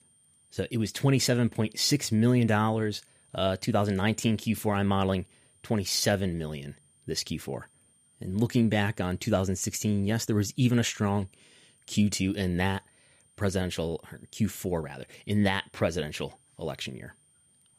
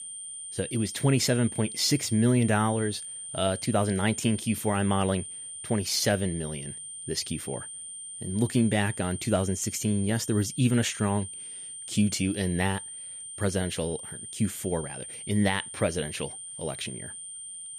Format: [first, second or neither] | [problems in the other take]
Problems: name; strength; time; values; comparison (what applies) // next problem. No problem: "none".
first | high-pitched whine; loud; throughout; 9 kHz, 9 dB below the speech; faint in the first